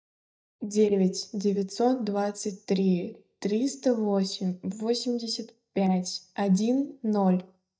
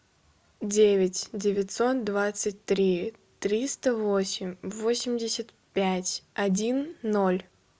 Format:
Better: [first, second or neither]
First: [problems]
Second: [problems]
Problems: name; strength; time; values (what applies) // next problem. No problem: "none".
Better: second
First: noise reduction (neural mask model DeepFilterNet 3)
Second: none